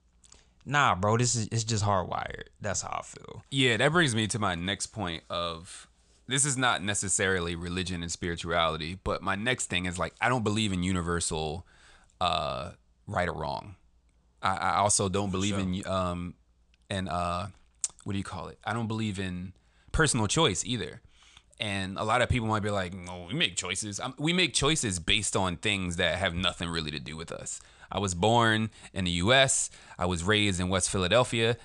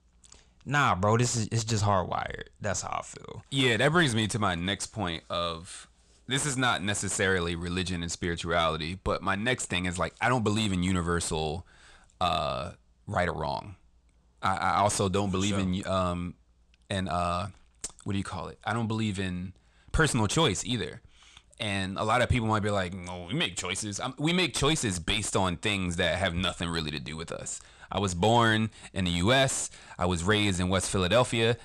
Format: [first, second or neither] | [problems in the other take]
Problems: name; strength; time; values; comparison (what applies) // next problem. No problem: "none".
first | distortion; slight; 10 dB below the speech